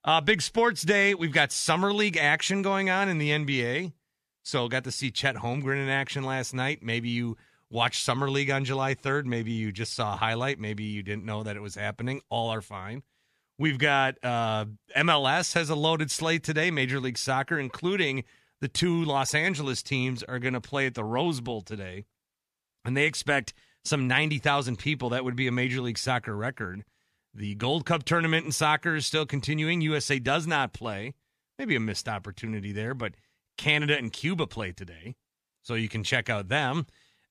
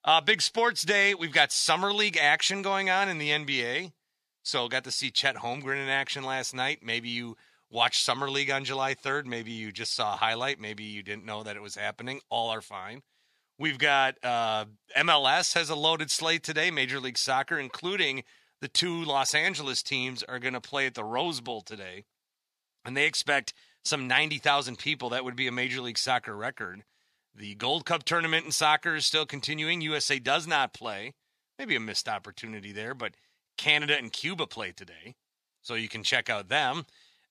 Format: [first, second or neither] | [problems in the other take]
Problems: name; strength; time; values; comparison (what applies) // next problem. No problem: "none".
first | thin; somewhat; fading below 1 kHz